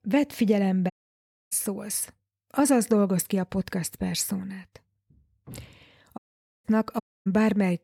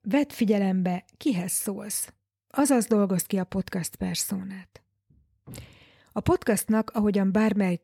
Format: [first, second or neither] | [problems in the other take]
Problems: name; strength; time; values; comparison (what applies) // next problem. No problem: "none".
second | audio cutting out; at 1 s for 0.5 s, at 6 s and at 7 s